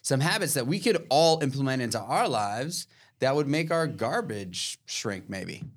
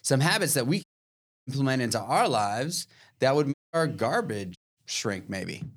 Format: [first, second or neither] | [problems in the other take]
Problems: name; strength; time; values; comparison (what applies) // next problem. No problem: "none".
first | audio cutting out; at 1 s for 0.5 s, at 3.5 s and at 4.5 s